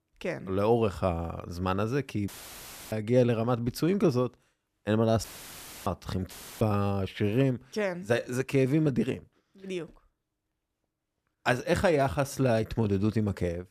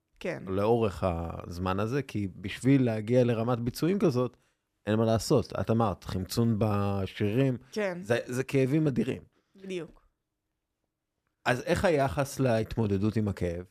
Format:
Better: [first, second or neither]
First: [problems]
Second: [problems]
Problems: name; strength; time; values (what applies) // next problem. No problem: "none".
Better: second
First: audio cutting out; filled with static; at 2.5 s for 0.5 s, at 5 s for 0.5 s and at 6.5 s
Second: none